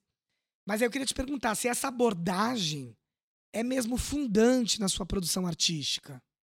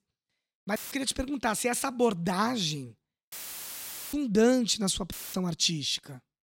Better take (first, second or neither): first